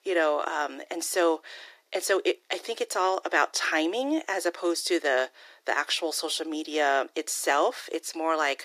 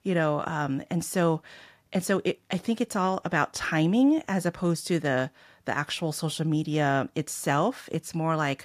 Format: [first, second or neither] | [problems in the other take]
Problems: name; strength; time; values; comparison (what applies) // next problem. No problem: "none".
second | thin; very; fading below 350 Hz